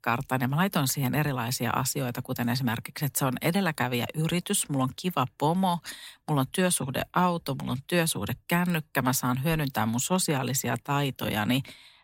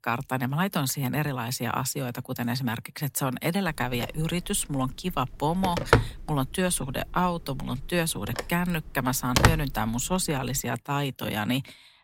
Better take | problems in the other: first | phone ringing; loud; from 5.5 to 9.5 s; peak 6 dB above the speech

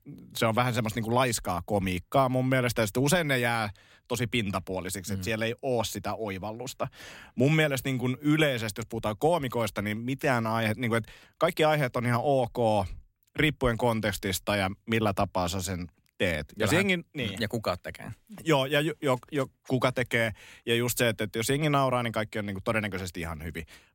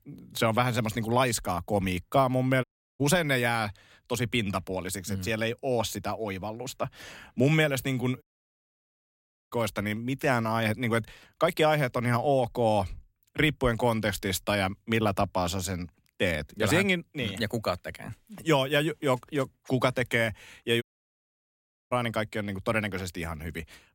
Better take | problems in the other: first | audio cutting out; at 2.5 s, at 8 s for 1.5 s and at 21 s for 1 s

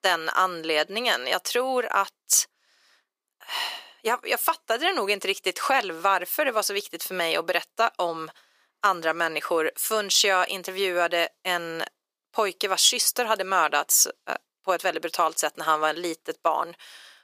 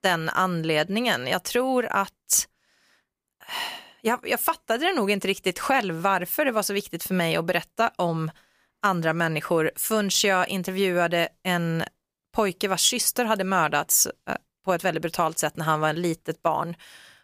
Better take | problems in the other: second | thin; very; fading below 350 Hz

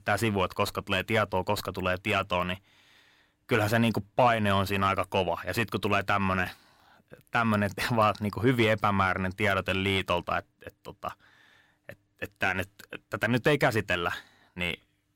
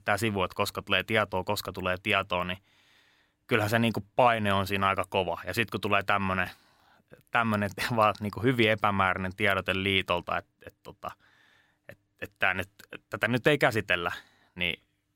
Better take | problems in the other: second | distortion; slight; 10 dB below the speech

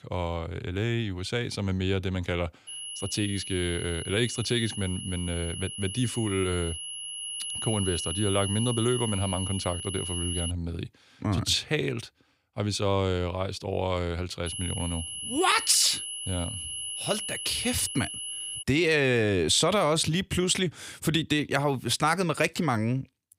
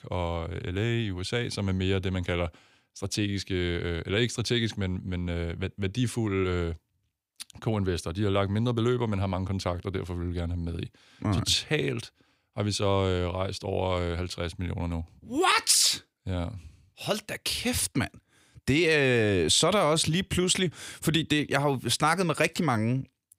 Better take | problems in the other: second | high-pitched whine; loud; from 2.5 to 11 s and from 14 to 19 s; 3 kHz, 6 dB below the speech

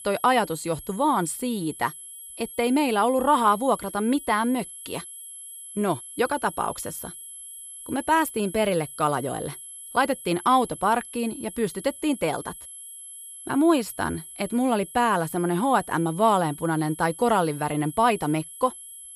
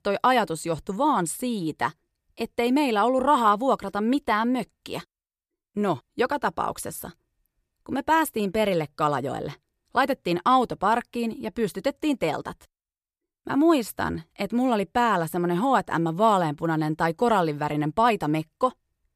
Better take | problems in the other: second | high-pitched whine; noticeable; throughout; 11 kHz, 15 dB below the speech

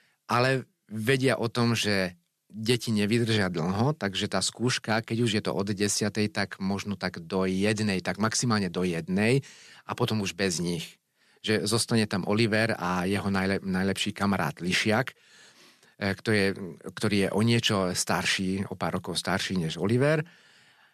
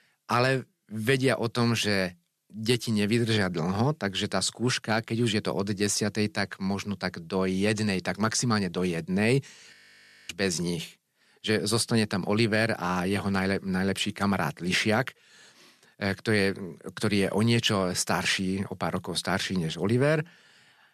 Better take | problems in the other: first | audio freezing; at 9.5 s for 0.5 s

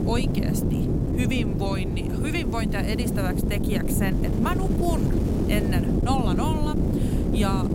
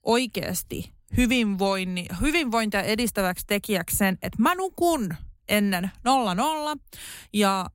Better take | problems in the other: second | wind noise on the microphone; heavy; 1 dB below the speech

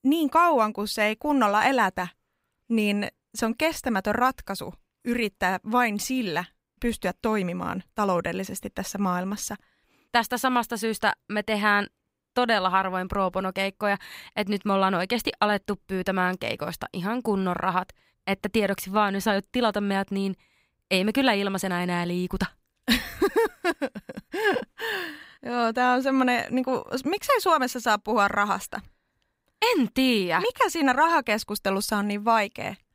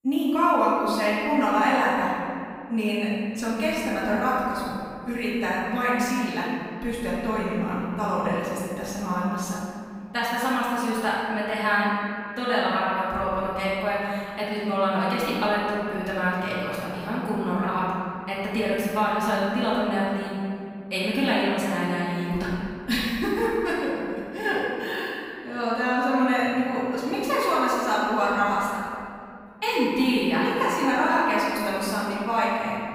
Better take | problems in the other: first | off-mic speech; far // room echo; strong; dies away in 2.1 s

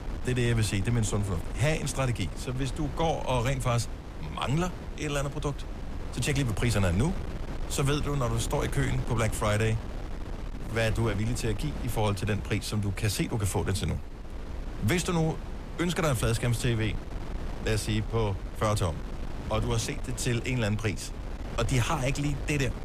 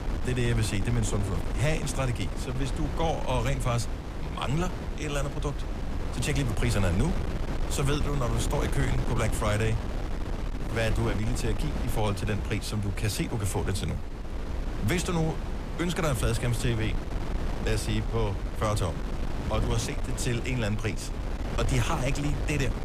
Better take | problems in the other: first | wind noise on the microphone; heavy; 7 dB below the speech; occasional gusts in the first

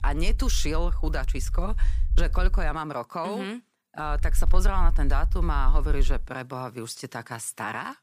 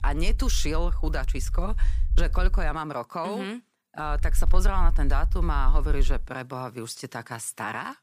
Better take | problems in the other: neither | low rumble; faint; until 2.5 s and from 4 to 6 s; 20 dB below the speech; the same in both

